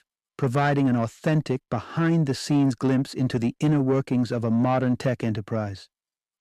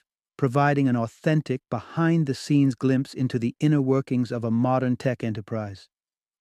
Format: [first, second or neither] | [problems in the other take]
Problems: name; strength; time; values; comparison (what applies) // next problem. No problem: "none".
second | distortion; slight; 10 dB below the speech